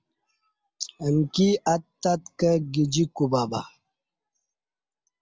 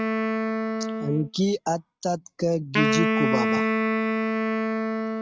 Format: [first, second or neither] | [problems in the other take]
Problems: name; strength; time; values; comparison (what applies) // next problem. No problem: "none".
first | noise reduction (neural mask model RNNoise)